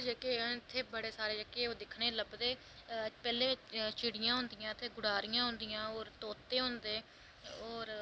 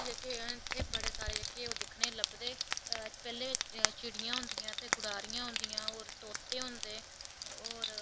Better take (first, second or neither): first